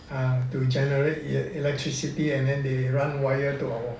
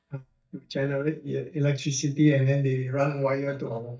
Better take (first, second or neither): first